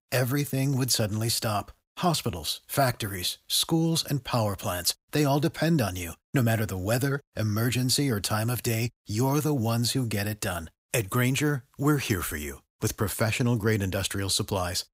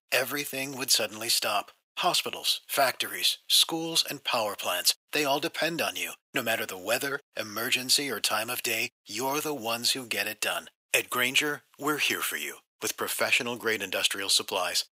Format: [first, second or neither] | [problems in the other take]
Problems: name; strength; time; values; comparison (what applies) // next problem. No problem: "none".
first | thin; very; fading below 500 Hz